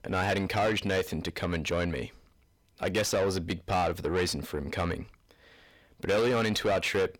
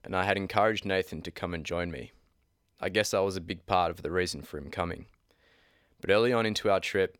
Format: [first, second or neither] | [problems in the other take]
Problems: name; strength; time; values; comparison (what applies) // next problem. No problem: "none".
second | distortion; heavy; 6 dB below the speech